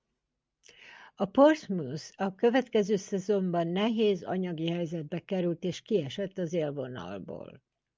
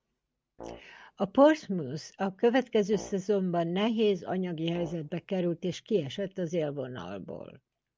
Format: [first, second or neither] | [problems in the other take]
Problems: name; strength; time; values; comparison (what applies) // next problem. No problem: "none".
first | background sound (Brass instrument); 19 dB below the speech